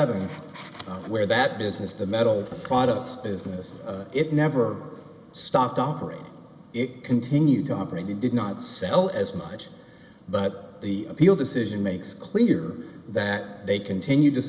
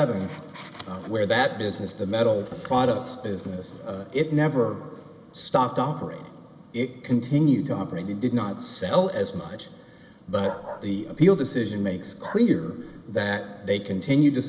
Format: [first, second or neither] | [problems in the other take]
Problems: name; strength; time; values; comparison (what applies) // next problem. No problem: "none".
first | background sound (Bark); 15 dB below the speech